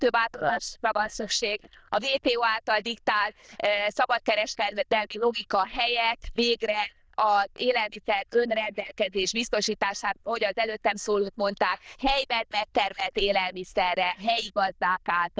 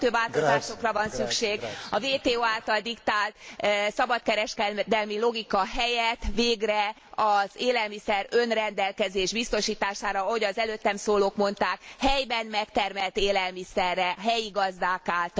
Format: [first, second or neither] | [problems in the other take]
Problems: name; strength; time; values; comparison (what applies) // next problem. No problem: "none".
second | noise reduction (neural diffusion model UNIVERSE++)